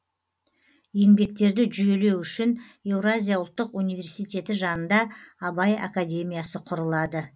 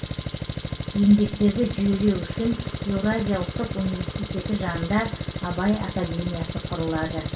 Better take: first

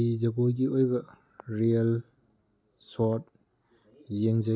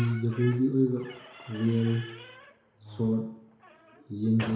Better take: first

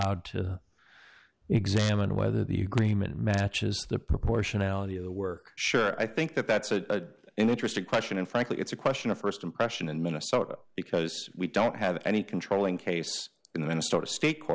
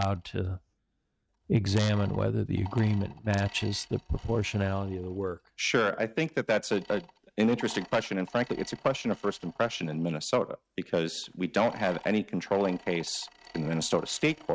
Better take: first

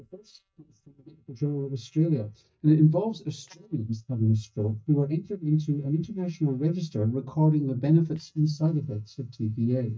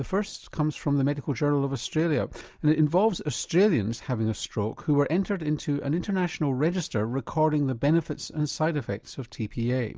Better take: second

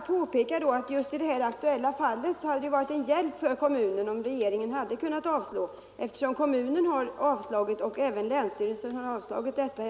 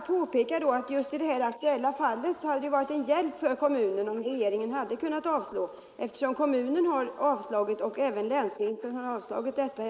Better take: first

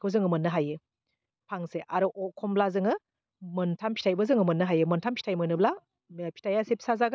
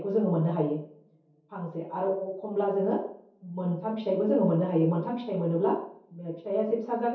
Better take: first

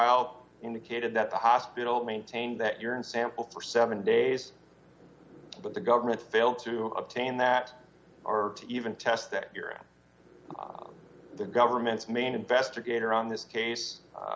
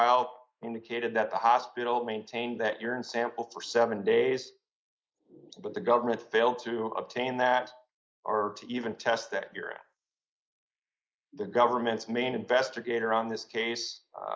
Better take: first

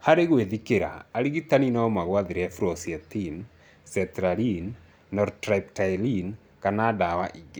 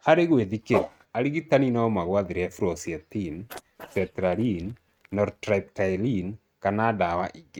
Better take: first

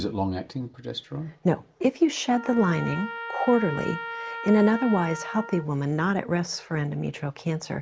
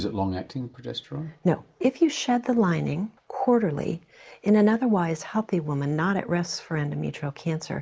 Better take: second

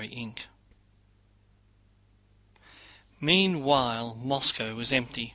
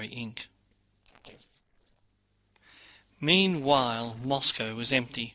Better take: first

